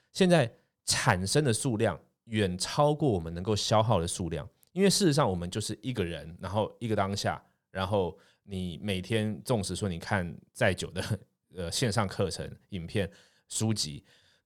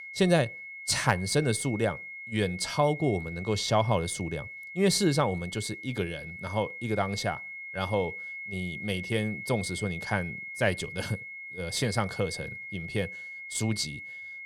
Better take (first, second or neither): first